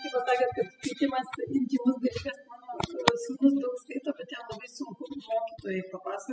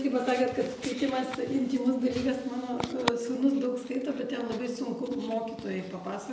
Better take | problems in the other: second | noise reduction (classical method spectral subtraction)

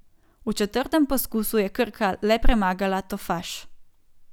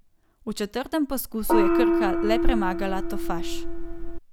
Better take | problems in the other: first | background sound (Gong); 5 dB above the speech

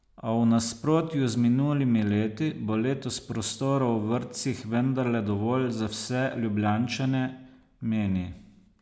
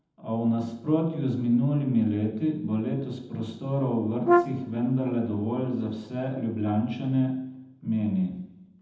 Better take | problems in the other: first | background sound (Brass instrument); 1 dB above the speech // room echo; dies away in 0.8 s

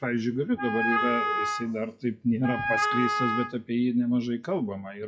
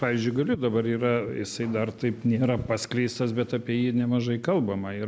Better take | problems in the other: second | noise reduction (classical method WPE with log-MMSE)

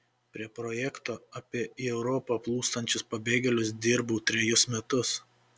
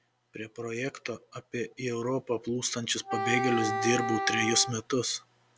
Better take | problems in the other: first | background sound (Wind instrument, woodwind instrument); 2 dB below the speech

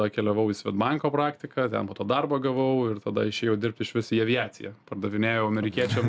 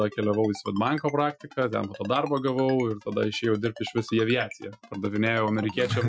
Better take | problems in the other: first | noise reduction (classical method Wiener filter)

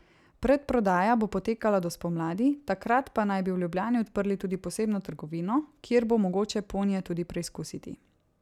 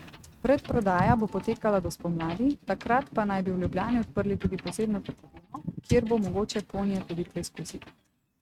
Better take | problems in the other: first | noise reduction (neural mask model RNNoise)

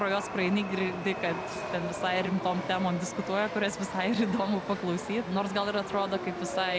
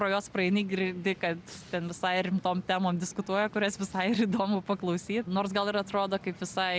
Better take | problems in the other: second | background sound (Chatter / Subway, metro, underground); 7 dB below the speech

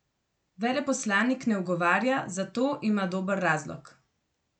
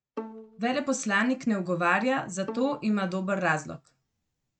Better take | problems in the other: first | noise reduction (neural mask model RNNoise)

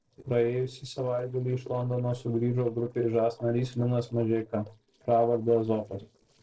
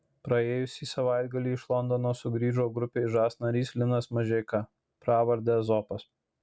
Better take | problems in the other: second | noise reduction (neural separator model SepFormer DNS4)

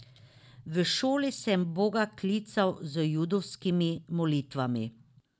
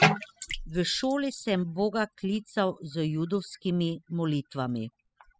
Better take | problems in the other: first | noise reduction (classical method spectral subtraction)

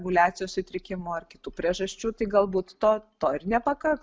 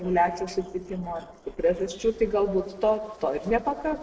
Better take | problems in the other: first | noise reduction (neural separator model SepFormer DNS4)

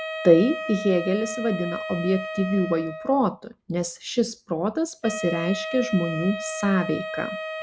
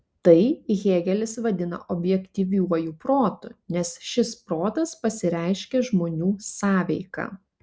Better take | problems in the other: second | background sound (Wind instrument, woodwind instrument); 9 dB below the speech

